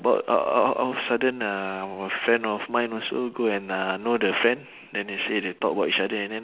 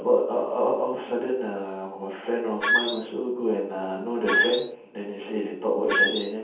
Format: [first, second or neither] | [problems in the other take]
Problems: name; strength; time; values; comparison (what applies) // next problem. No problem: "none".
first | background sound (Squeak); 2 dB above the speech // room echo; dies away in 0.7 s